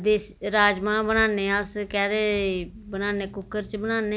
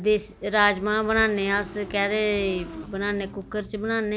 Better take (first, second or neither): first